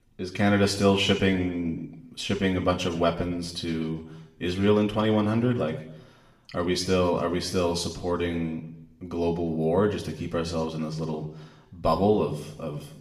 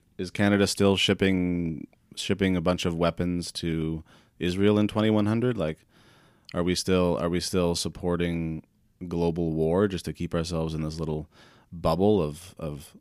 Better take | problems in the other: second | room echo; slight; dies away in 0.7 s // off-mic speech; somewhat distant

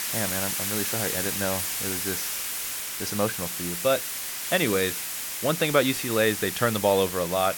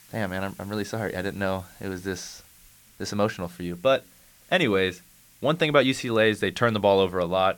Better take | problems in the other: second | hiss; loud; throughout; 1 dB below the speech; faint in the second

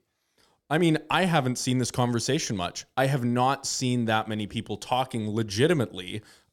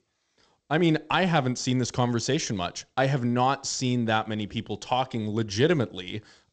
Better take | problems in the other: first | garbled, watery; slightly; nothing above 7.5 kHz

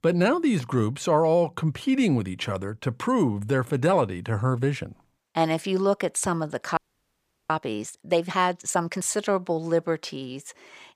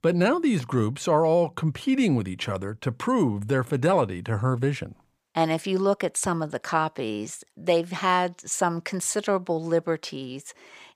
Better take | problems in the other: second | audio freezing; at 7 s for 0.5 s

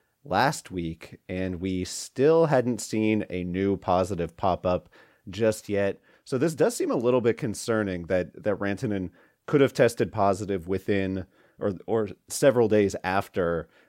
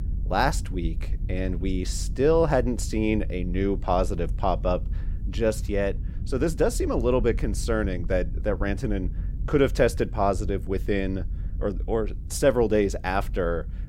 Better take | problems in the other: first | low rumble; faint; throughout; 25 dB below the speech

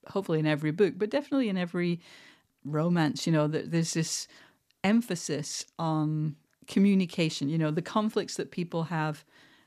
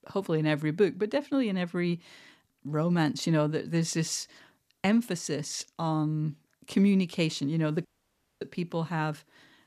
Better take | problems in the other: first | audio cutting out; at 8 s for 0.5 s

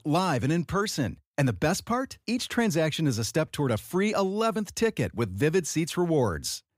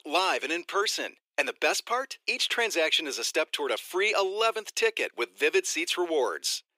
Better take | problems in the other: first | thin; very; fading below 350 Hz

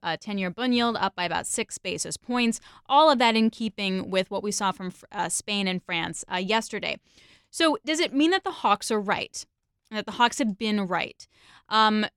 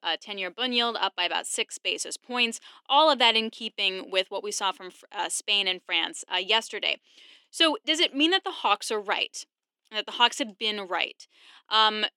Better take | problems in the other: first | thin; somewhat; fading below 300 Hz

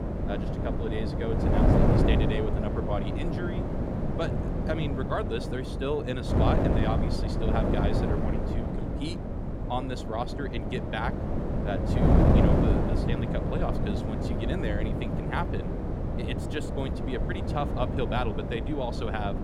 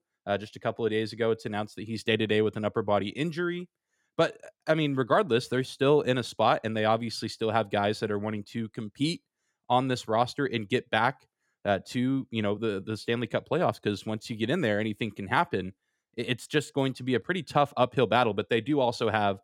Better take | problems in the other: second | wind noise on the microphone; heavy; 1 dB above the speech

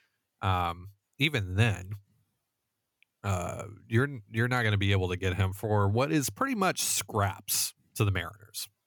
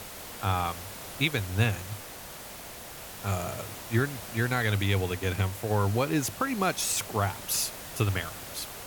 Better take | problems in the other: first | hiss; noticeable; throughout; 10 dB below the speech

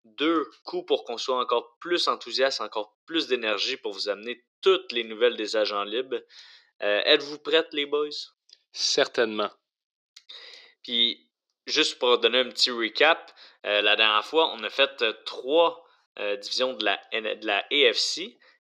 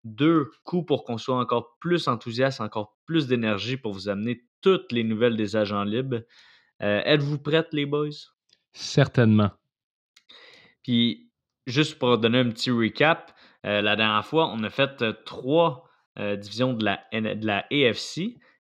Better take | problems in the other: second | thin; very; fading below 400 Hz

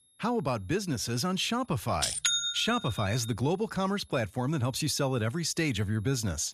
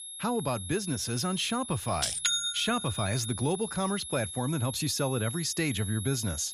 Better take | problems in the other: first | high-pitched whine; loud; throughout; 11 kHz, 8 dB below the speech; faint in the first

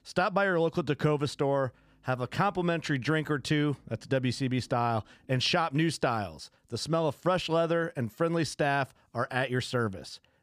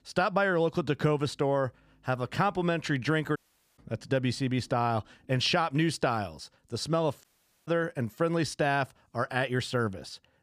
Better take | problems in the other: first | audio cutting out; at 3.5 s and at 7 s

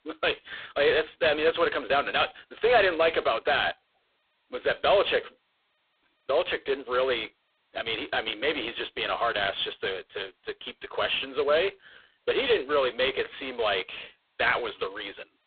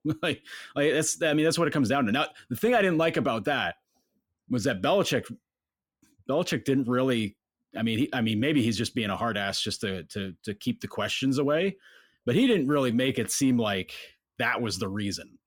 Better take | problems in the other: second | phone-call audio; poor line; nothing above 3.5 kHz

